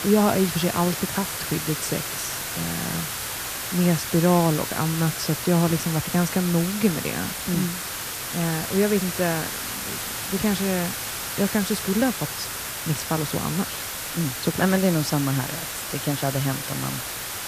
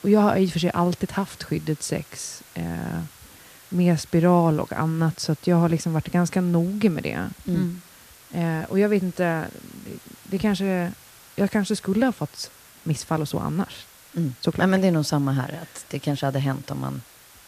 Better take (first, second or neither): second